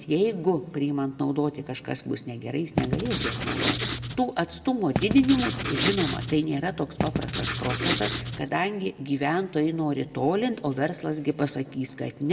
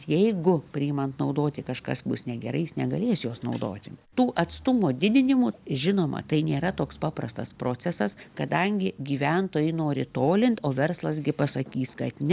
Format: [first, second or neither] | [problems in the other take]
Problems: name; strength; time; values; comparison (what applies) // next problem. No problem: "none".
second | background sound (Writing); 2 dB below the speech // room echo; dies away in 0.9 s